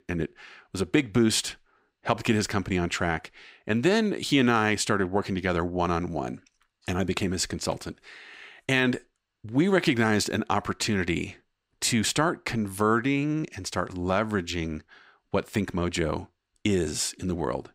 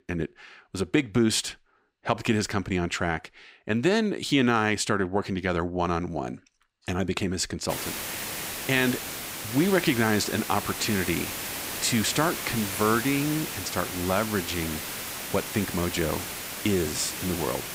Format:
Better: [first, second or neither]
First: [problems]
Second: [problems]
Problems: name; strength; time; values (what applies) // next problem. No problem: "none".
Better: first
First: none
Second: hiss; loud; from 7.5 s on; 5 dB below the speech